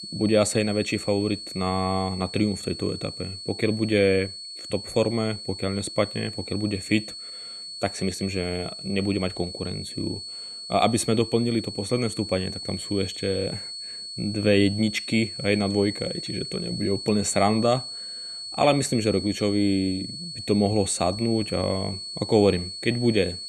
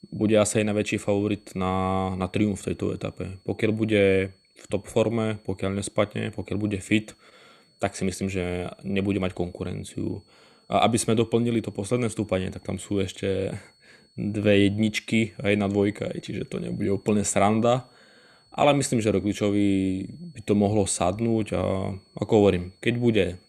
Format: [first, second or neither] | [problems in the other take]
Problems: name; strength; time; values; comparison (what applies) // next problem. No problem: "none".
second | high-pitched whine; loud; throughout; 4.5 kHz, 9 dB below the speech; faint in the second